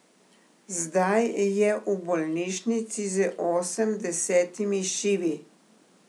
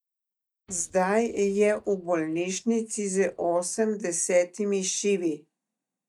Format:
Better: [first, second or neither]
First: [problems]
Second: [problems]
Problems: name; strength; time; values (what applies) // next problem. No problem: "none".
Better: first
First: none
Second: noise reduction (neural mask model DeepFilterNet 3)